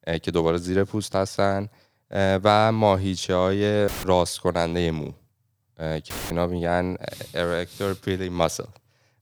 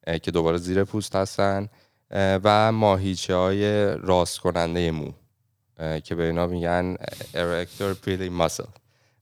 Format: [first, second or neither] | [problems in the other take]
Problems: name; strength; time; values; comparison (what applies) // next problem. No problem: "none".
second | audio cutting out; filled with static; at 4 s and at 6 s